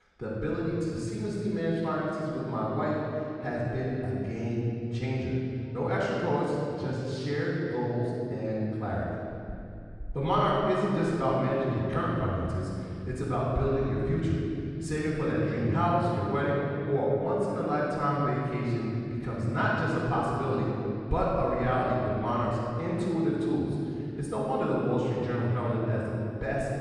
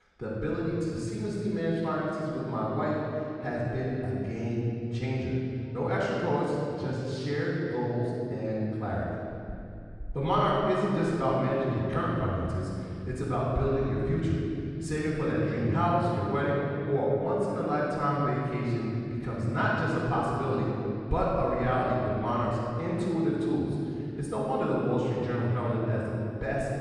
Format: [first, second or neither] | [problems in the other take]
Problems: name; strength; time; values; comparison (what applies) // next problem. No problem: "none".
neither | off-mic speech; far; the same in both // room echo; strong; dies away in 2.6 s; the same in both